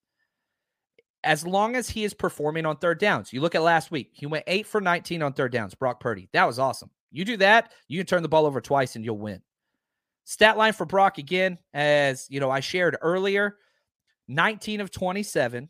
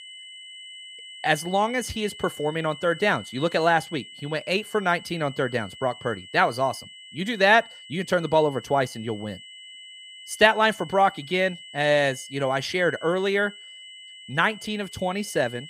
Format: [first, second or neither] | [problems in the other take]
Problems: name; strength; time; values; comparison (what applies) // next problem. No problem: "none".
first | high-pitched whine; noticeable; throughout; 3 kHz, 15 dB below the speech